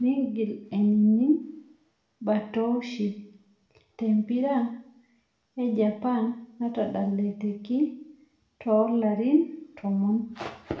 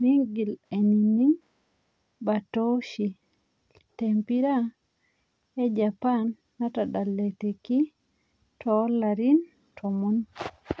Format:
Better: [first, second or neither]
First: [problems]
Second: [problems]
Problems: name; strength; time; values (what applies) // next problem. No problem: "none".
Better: second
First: room echo; dies away in 0.6 s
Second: none